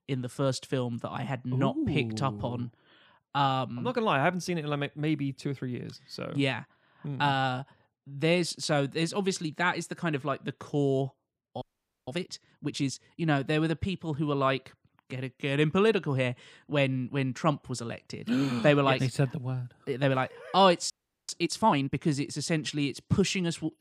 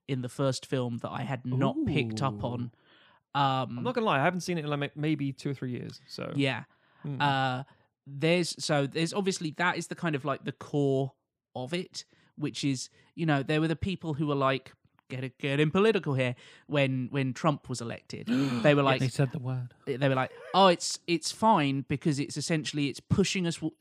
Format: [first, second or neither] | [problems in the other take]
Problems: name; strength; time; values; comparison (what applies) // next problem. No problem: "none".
second | audio freezing; at 12 s and at 21 s